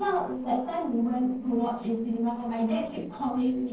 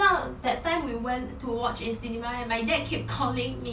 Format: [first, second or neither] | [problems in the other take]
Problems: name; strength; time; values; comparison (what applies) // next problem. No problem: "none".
second | noise reduction (neural separator model SepFormer DNS4)